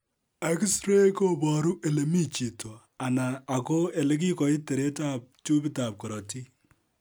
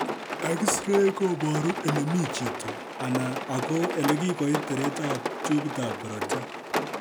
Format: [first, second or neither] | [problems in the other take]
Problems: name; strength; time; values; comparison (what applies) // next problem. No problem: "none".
first | background sound (Rain); 3 dB below the speech